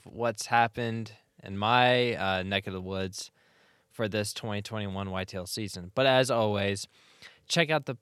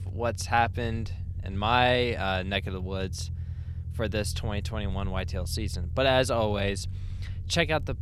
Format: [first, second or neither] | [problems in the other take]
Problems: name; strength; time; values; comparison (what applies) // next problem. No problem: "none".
first | low rumble; faint; throughout; 25 dB below the speech